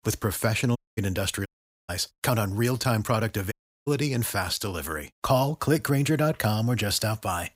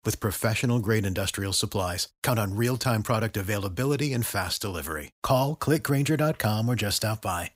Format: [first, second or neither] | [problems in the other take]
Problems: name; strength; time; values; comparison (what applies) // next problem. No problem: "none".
second | audio cutting out; at 1 s, at 1.5 s and at 3.5 s